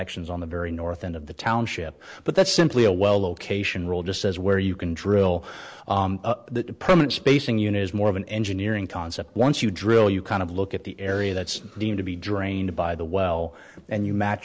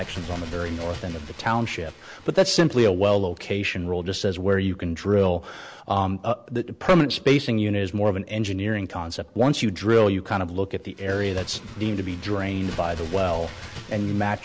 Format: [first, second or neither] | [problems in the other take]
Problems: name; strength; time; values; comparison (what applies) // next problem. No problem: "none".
first | background sound (Bird); 19 dB below the speech